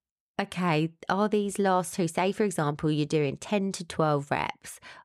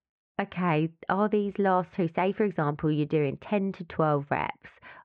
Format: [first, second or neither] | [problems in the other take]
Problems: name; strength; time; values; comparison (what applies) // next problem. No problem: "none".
first | muffled; very; fading above 2.5 kHz